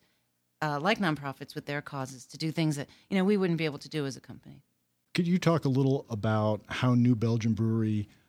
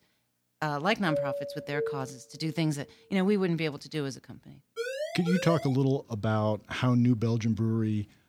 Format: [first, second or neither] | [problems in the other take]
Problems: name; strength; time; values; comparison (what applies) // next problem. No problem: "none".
first | doorbell; noticeable; from 1 to 2 s; peak 3 dB below the speech // siren; noticeable; at 5 s; peak 5 dB below the speech